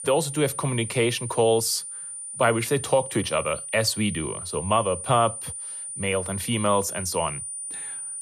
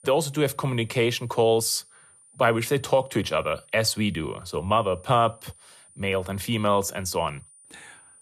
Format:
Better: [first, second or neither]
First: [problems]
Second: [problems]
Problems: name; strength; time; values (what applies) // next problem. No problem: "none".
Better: second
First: high-pitched whine; loud; throughout; 9.5 kHz, 8 dB below the speech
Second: high-pitched whine; faint; throughout; 9.5 kHz, 25 dB below the speech